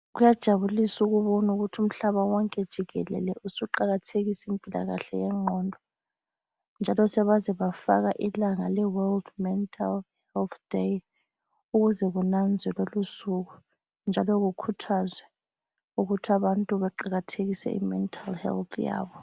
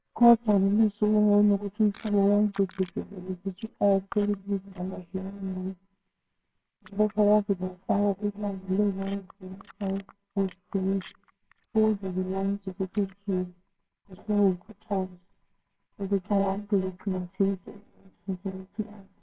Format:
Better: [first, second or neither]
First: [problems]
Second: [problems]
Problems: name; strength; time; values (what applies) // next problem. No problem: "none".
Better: first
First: none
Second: noise reduction (neural separator model SepFormer WHAMR!)